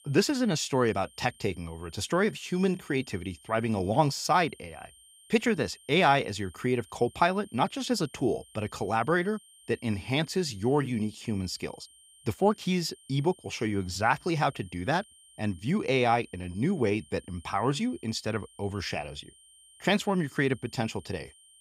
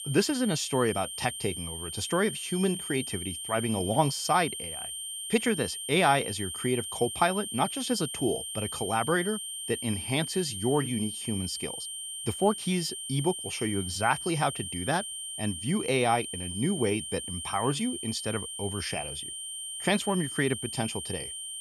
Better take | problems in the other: first | high-pitched whine; loud; throughout; 3 kHz, 5 dB below the speech; faint in the first

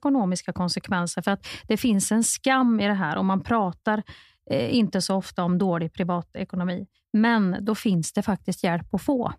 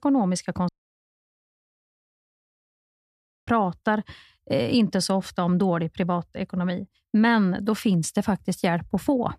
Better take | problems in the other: first | audio cutting out; at 0.5 s for 3 s

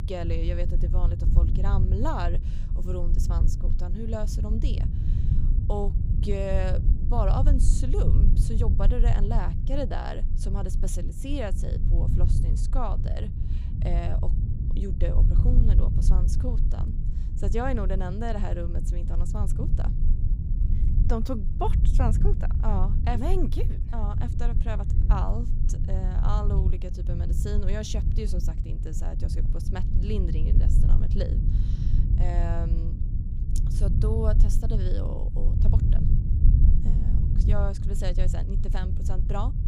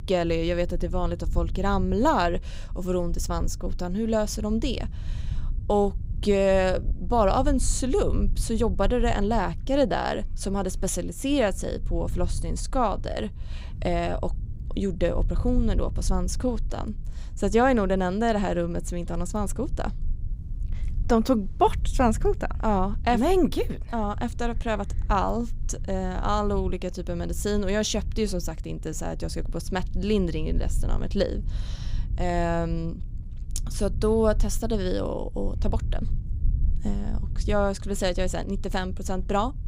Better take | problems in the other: second | low rumble; loud; throughout; 6 dB below the speech; faint in the second

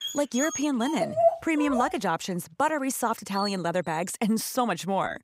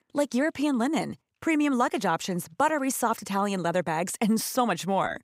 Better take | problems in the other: second | dog barking; loud; until 3.5 s; peak 4 dB above the speech

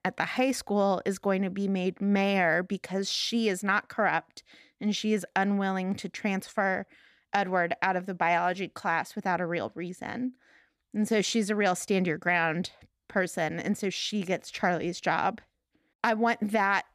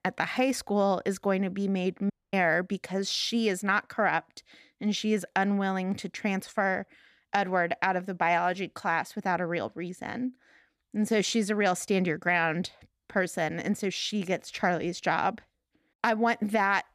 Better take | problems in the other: first | audio cutting out; at 2 s

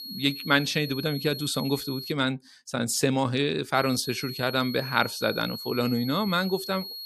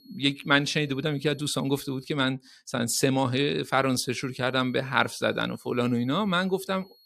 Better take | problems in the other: second | high-pitched whine; loud; until 2 s and from 4 s on; 4.5 kHz, 9 dB below the speech; faint in the second

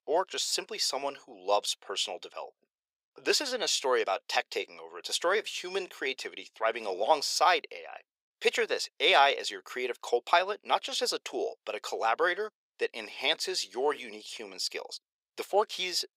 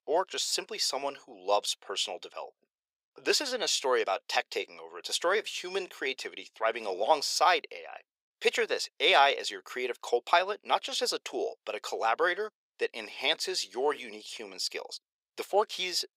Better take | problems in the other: neither | thin; very; fading below 450 Hz; the same in both

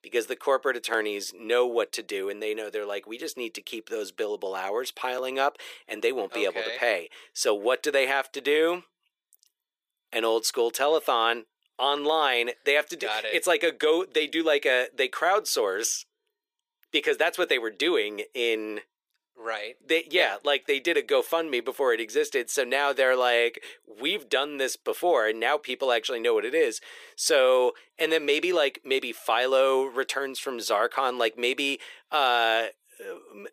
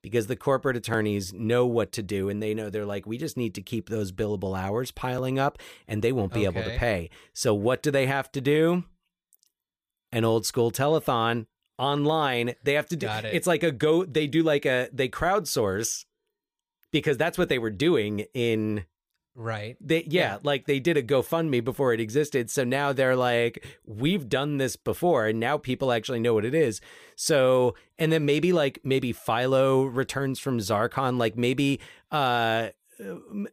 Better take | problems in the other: second | thin; very; fading below 350 Hz

